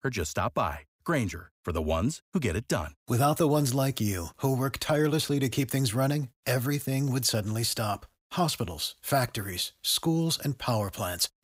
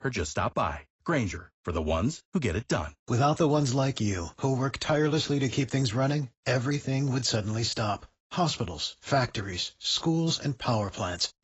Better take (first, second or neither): first